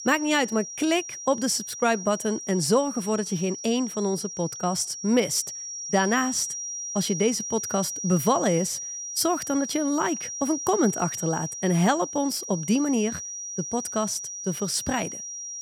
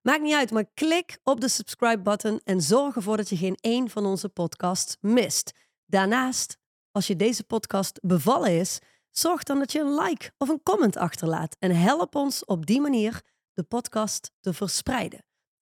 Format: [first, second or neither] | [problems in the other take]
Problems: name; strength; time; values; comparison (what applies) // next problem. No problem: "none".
second | high-pitched whine; loud; throughout; 5.5 kHz, 7 dB below the speech